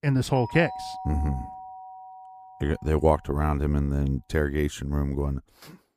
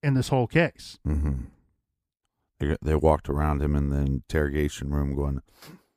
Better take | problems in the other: second | doorbell; noticeable; until 3 s; peak 10 dB below the speech

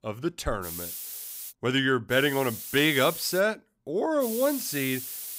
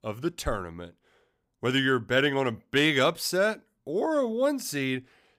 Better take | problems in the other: second | hiss; loud; at 0.5 s, from 2 to 3.5 s and from 4 s on; 9 dB below the speech

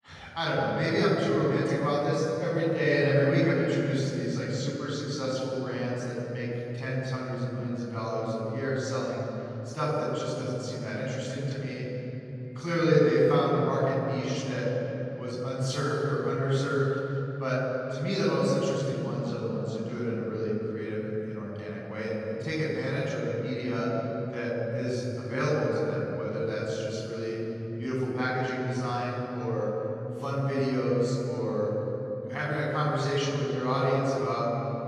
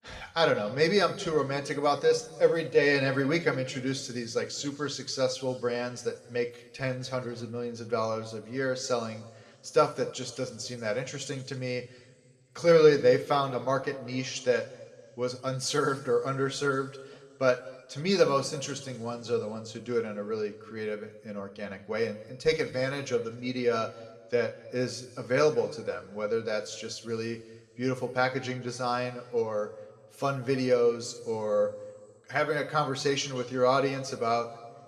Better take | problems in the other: second | room echo; strong; dies away in 3 s; slight in the second // off-mic speech; far; somewhat distant in the second

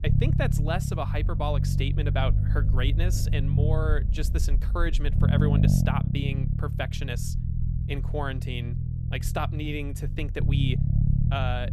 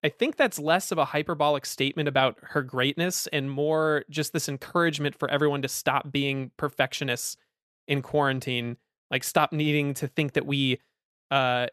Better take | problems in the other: second | low rumble; loud; throughout; 5 dB below the speech

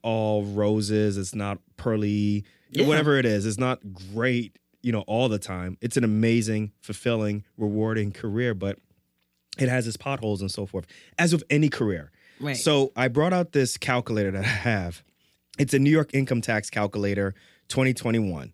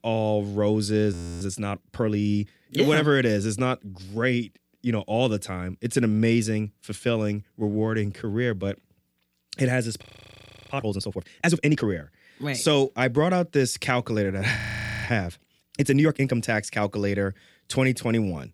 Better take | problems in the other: first | audio freezing; at 1 s, at 10 s for 0.5 s and at 15 s

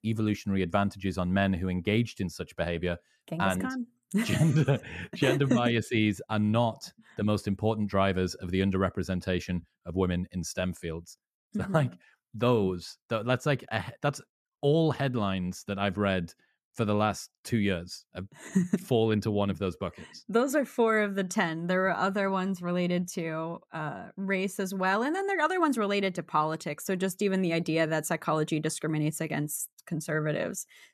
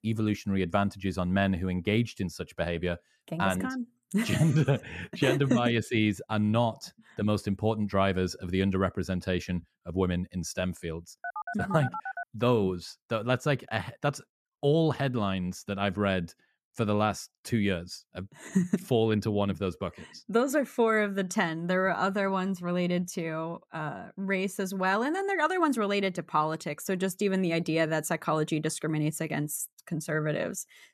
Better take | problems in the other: first | phone ringing; noticeable; from 11 to 12 s; peak 7 dB below the speech

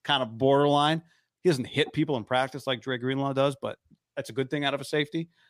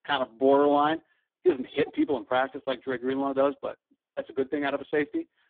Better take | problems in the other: first | phone-call audio; poor line

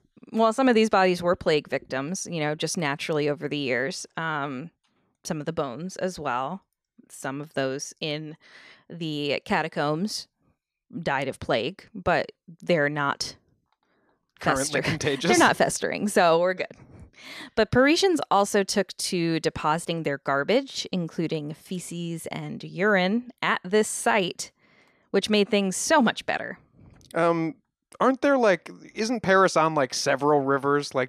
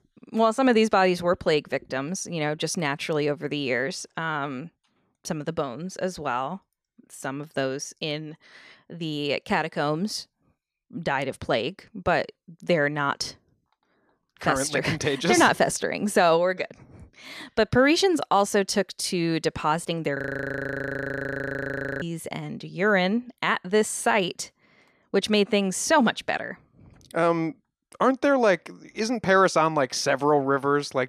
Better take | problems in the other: first | audio freezing; at 20 s for 2 s

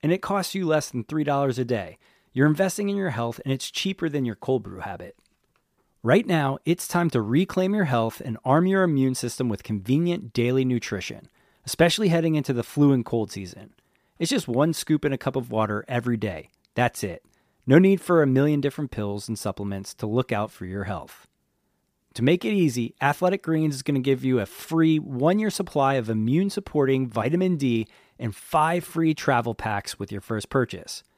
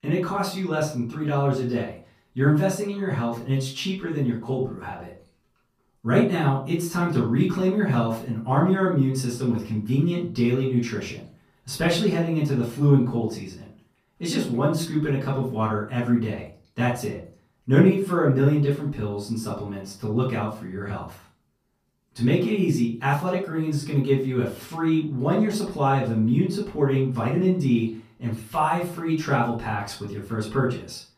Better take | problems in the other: first | off-mic speech; far // room echo; slight; dies away in 0.3 s

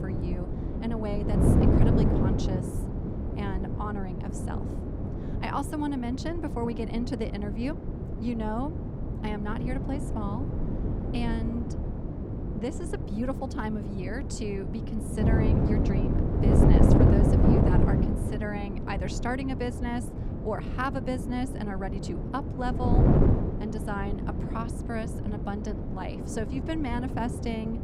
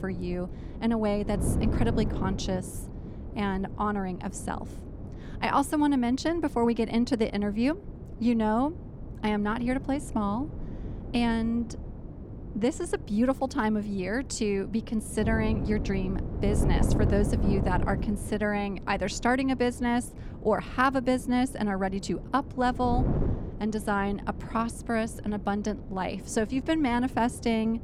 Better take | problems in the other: second | wind noise on the microphone; heavy; as loud as the speech; occasional gusts in the second

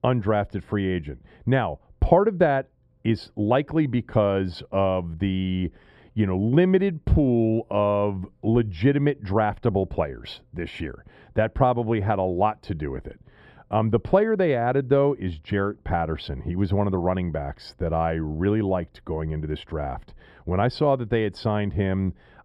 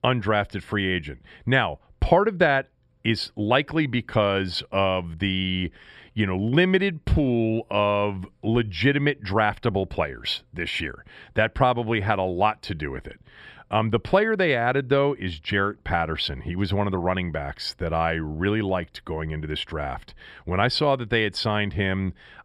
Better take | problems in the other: second | muffled; slightly; fading above 1.5 kHz

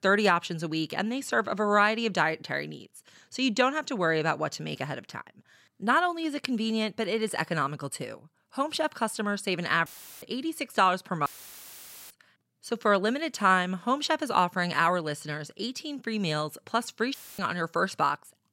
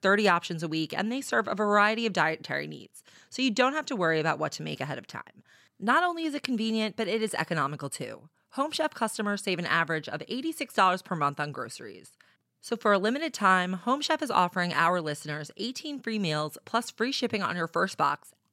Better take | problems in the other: second | audio cutting out; filled with static; at 10 s, at 11 s for 1 s and at 17 s

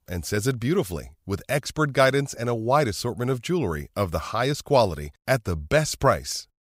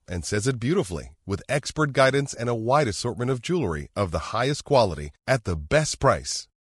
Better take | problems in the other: first | garbled, watery; slightly; nothing above 10.5 kHz

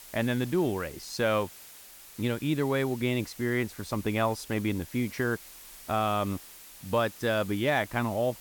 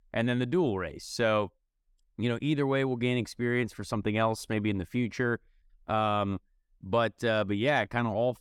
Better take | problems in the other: second | hiss; noticeable; throughout; 15 dB below the speech

